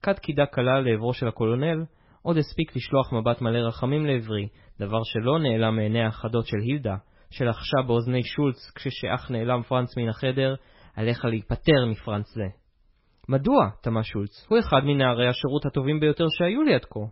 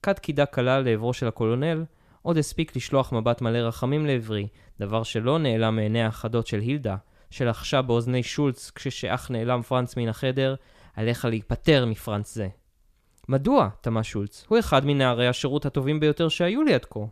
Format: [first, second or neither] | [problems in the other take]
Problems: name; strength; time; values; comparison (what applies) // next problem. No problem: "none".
second | garbled, watery; badly; nothing above 5.5 kHz